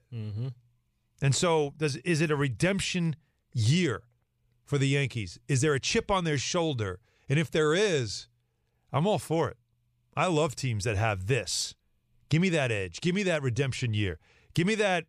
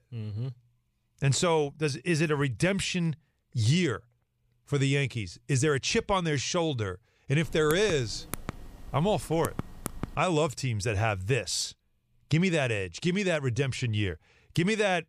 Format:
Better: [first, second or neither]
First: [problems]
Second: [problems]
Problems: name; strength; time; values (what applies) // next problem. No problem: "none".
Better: first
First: none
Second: keyboard typing; faint; from 7.5 to 10 s; peak 10 dB below the speech